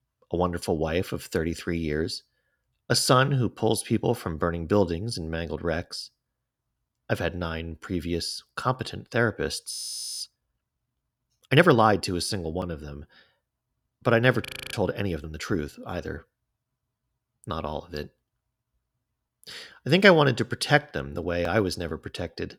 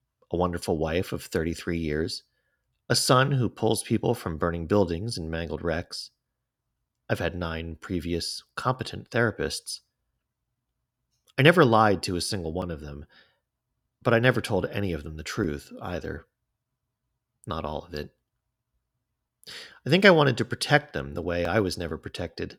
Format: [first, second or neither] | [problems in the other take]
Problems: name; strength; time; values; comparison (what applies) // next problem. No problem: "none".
second | audio freezing; at 9.5 s and at 14 s